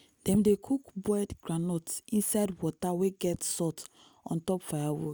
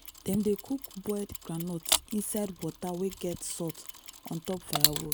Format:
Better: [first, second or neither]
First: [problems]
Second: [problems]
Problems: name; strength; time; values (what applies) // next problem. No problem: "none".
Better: first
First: none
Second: background sound (Mechanisms); 1 dB below the speech